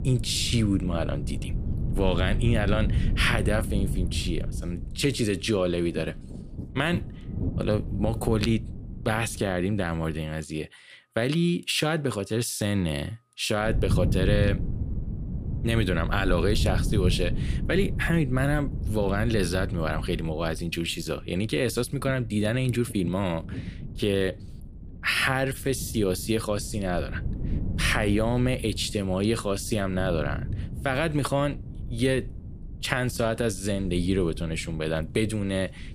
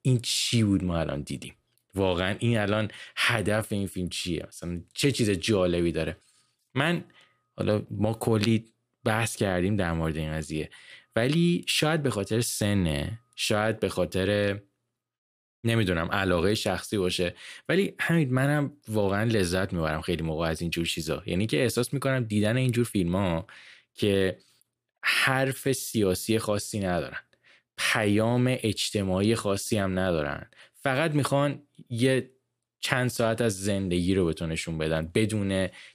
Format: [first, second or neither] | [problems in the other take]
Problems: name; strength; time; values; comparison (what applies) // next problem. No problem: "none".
second | wind noise on the microphone; occasional gusts; until 10 s and from 14 s on; 15 dB below the speech